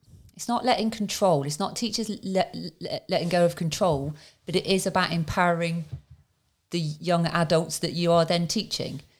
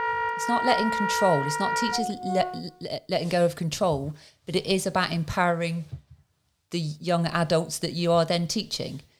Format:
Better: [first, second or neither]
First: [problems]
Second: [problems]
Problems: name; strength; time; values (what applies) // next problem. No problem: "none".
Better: first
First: none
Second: background music; loud; until 2.5 s; 1 dB below the speech